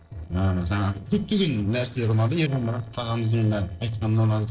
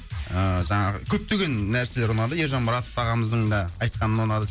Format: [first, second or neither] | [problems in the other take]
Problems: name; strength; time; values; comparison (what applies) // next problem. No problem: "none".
second | noise reduction (neural separator model SepFormer DNS4)